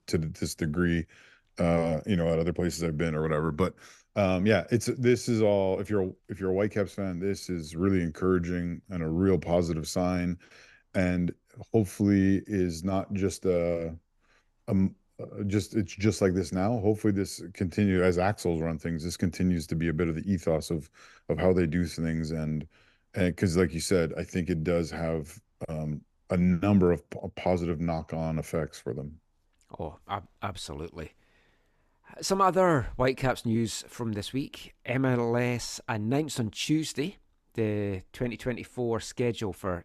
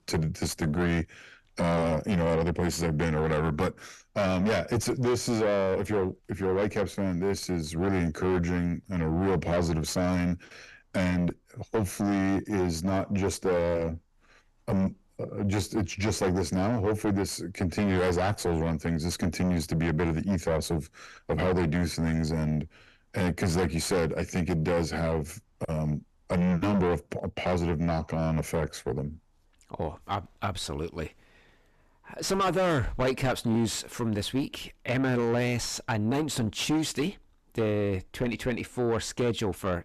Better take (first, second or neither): first